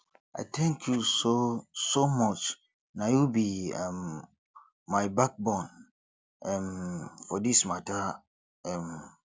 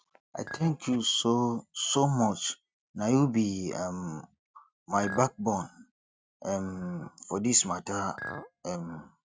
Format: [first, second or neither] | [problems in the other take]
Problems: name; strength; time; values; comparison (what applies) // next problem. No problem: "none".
first | noise reduction (neural mask model RNNoise)